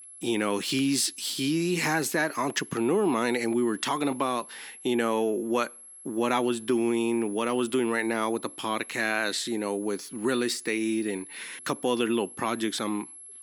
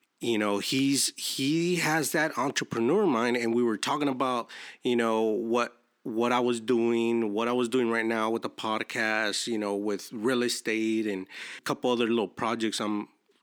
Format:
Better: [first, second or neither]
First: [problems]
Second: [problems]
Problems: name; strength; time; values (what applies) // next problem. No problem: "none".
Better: second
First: high-pitched whine; noticeable; throughout; 11 kHz, 15 dB below the speech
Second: none